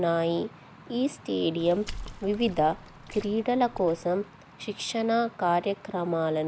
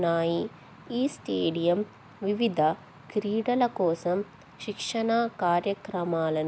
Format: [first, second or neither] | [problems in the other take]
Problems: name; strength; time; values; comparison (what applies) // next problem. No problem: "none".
second | background sound (Water / Splash, splatter); 16 dB below the speech